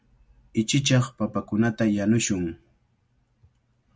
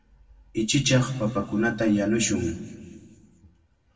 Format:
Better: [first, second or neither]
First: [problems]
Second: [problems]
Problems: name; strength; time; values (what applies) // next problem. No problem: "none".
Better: first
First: none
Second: room echo; dies away in 1.4 s